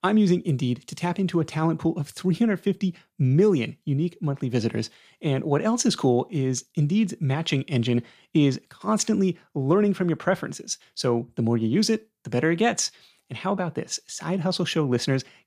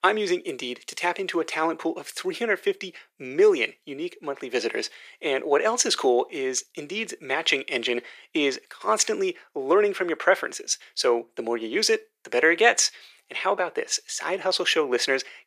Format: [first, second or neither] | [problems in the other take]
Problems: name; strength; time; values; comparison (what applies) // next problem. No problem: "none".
first | thin; very; fading below 400 Hz